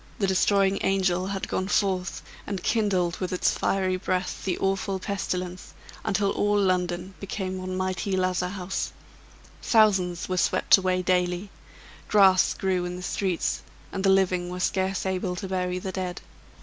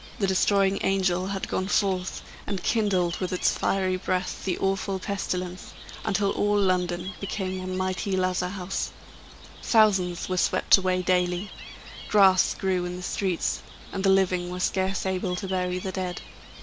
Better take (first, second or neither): first